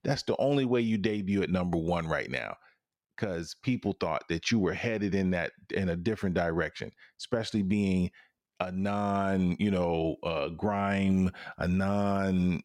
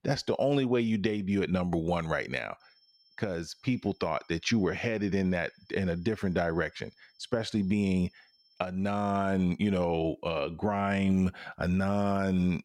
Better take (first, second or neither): first